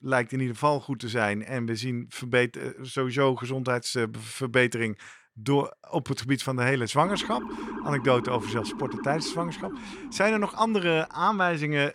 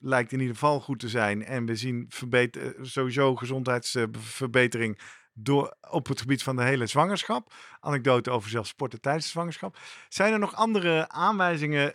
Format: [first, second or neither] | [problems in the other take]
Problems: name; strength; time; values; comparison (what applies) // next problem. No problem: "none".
second | siren; noticeable; from 7 to 11 s; peak 8 dB below the speech